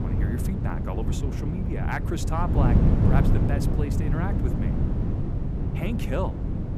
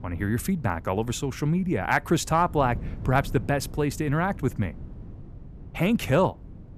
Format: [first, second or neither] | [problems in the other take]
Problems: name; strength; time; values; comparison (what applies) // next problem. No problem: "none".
second | wind noise on the microphone; heavy; 1 dB below the speech; occasional gusts in the second